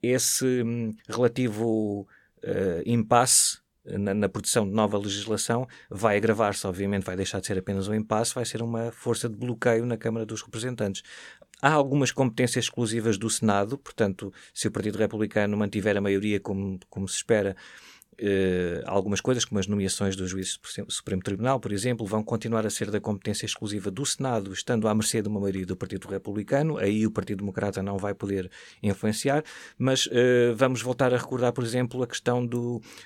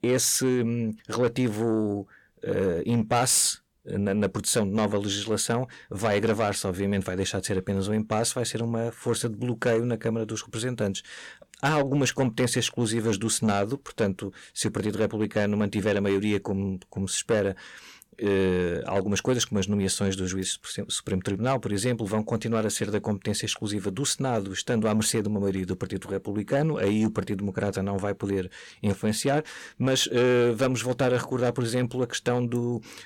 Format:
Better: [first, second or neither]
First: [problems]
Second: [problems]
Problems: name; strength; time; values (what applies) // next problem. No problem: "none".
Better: first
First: none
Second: distortion; slight; 10 dB below the speech